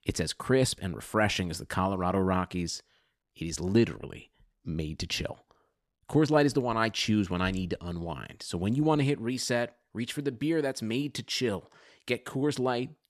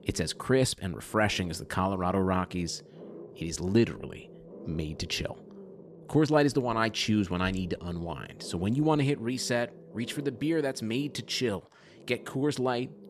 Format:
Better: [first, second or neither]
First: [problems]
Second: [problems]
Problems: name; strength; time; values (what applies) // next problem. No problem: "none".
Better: first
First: none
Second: low rumble; faint; throughout; 20 dB below the speech